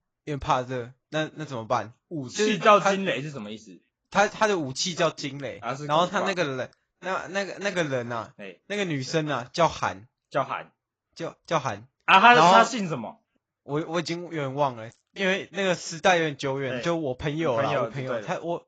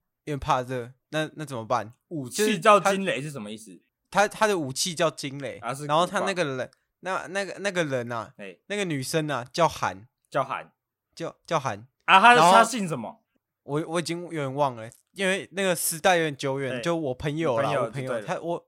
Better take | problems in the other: second | garbled, watery; badly; nothing above 7.5 kHz

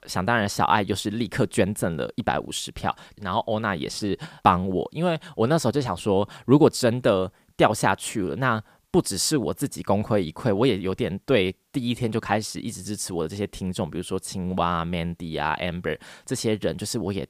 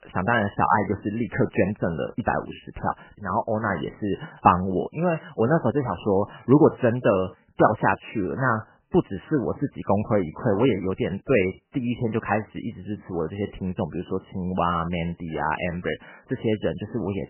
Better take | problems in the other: first | garbled, watery; badly; nothing above 3 kHz

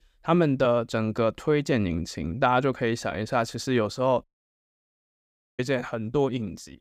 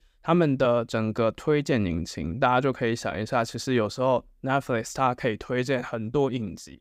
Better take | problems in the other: second | audio cutting out; at 4 s for 1.5 s

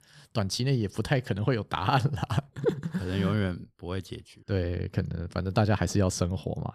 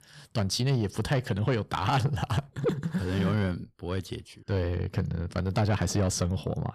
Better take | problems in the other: first | distortion; slight; 10 dB below the speech

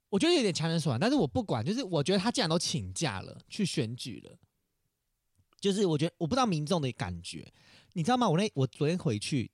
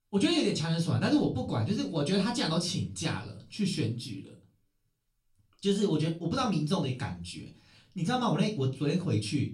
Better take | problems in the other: first | off-mic speech; far // room echo; very slight; dies away in 0.3 s

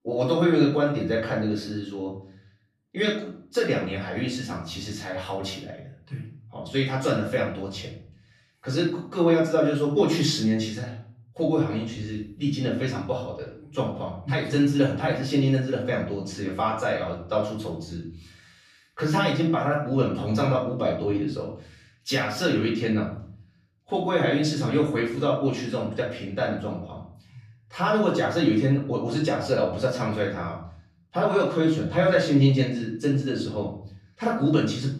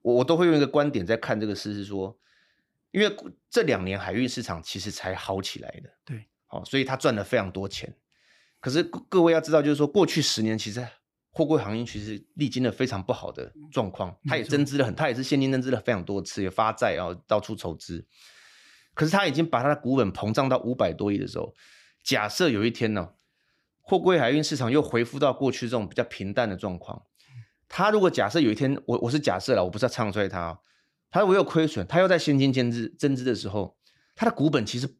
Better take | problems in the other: second | off-mic speech; far // room echo; noticeable; dies away in 0.5 s

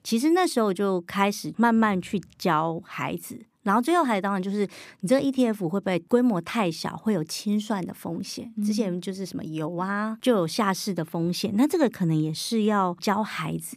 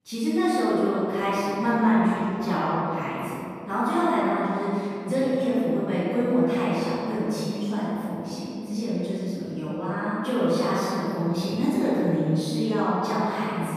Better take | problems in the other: first | off-mic speech; far // room echo; strong; dies away in 2.5 s

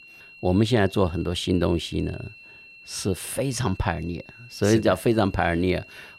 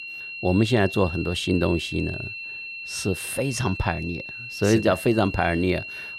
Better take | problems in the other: first | high-pitched whine; loud; throughout; 2.5 kHz, 9 dB below the speech; faint in the first

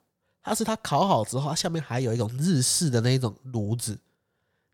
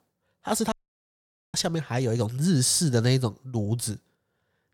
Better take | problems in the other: first | audio cutting out; at 0.5 s for 1 s

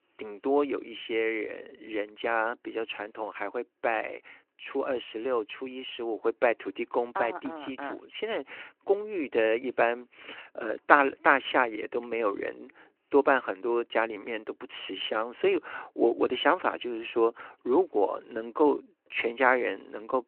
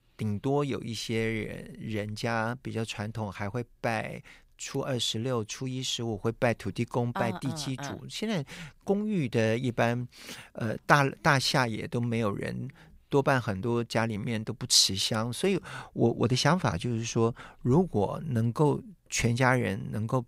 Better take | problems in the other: second | phone-call audio

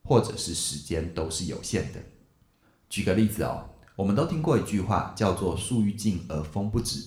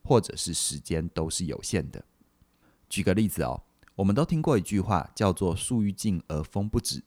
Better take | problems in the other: second | room echo; very slight; dies away in 0.6 s

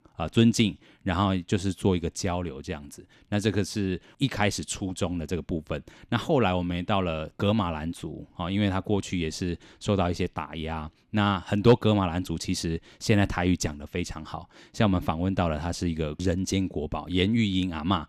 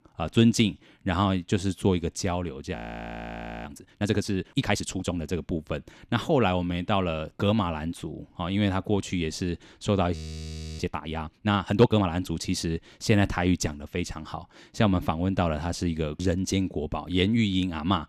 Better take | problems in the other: first | audio freezing; at 3 s for 1 s and at 10 s for 0.5 s

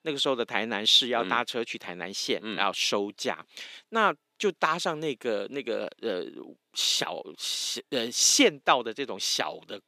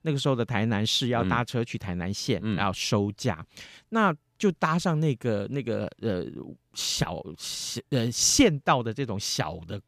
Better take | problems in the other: second | thin; somewhat; fading below 300 Hz

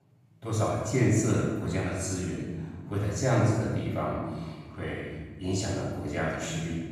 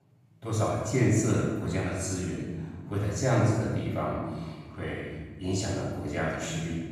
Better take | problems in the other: neither | room echo; strong; dies away in 1.3 s; the same in both // off-mic speech; far; the same in both

